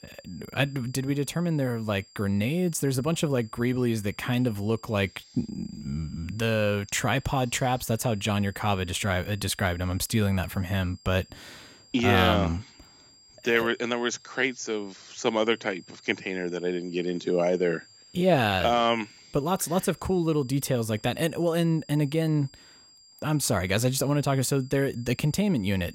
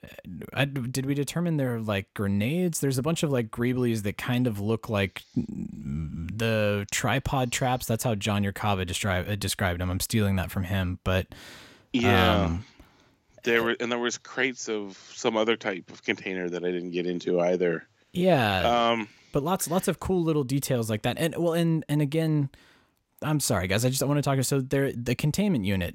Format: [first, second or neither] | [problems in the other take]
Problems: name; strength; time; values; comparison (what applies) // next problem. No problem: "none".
second | high-pitched whine; faint; throughout; 5 kHz, 25 dB below the speech